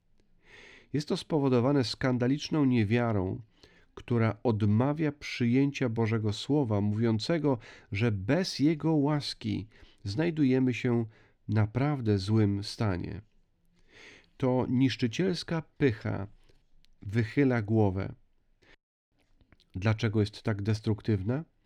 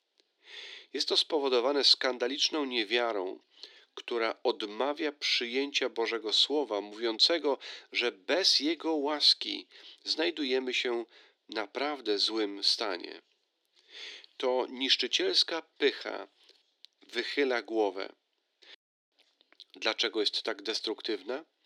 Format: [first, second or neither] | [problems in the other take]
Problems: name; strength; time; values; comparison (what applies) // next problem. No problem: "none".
first | thin; very; fading below 350 Hz